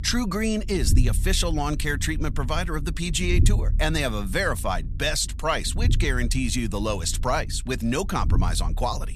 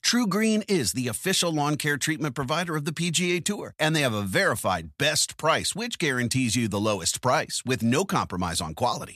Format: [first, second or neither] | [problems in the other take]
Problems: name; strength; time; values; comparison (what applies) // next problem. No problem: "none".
second | low rumble; noticeable; throughout; 20 dB below the speech